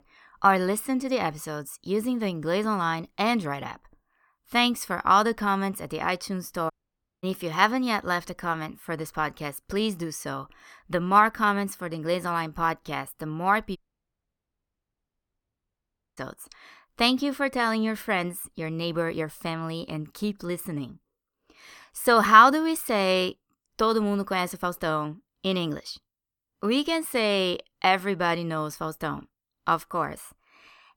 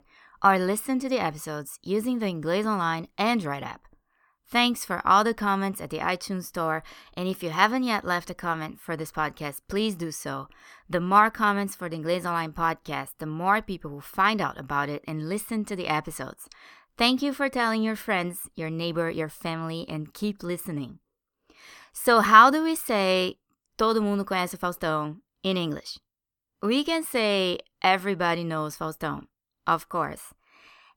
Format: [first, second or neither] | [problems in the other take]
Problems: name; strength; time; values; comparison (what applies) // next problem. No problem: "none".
second | audio cutting out; at 6.5 s for 0.5 s and at 14 s for 2.5 s